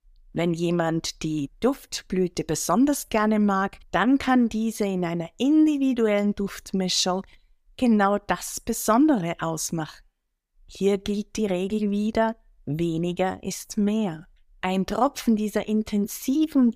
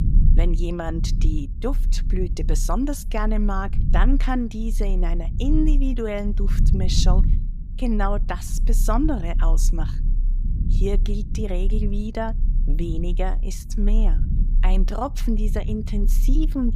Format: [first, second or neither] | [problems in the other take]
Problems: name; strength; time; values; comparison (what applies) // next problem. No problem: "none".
first | low rumble; noticeable; throughout; 15 dB below the speech